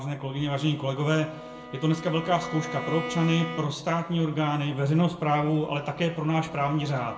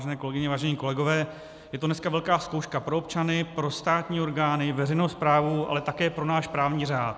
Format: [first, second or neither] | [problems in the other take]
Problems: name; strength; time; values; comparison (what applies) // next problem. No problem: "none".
second | background sound (Bowed string instrument); 14 dB below the speech // room echo; dies away in 0.4 s